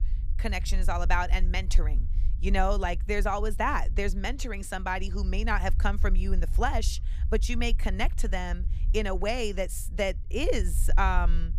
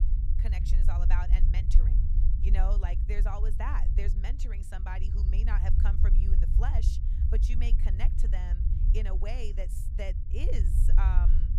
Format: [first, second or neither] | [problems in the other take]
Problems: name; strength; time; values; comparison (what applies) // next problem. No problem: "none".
first | low rumble; loud; throughout; 6 dB below the speech; faint in the first